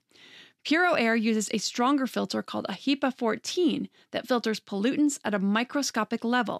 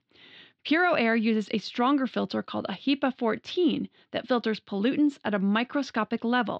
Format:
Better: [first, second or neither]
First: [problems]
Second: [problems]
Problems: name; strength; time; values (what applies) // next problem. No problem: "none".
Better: first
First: none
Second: muffled; slightly; fading above 3.5 kHz